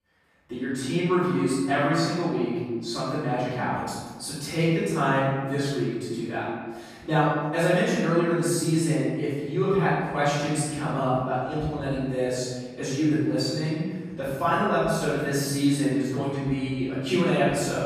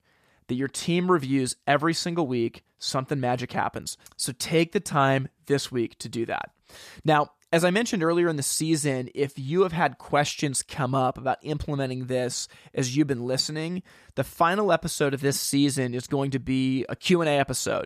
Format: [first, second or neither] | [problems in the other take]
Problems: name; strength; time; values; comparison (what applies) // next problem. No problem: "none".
second | off-mic speech; far // room echo; strong; dies away in 1.4 s